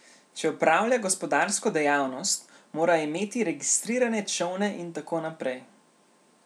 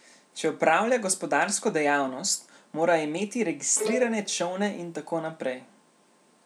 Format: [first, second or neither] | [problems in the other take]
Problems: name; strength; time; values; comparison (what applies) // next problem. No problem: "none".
first | background sound (Bowed string instrument); 9 dB below the speech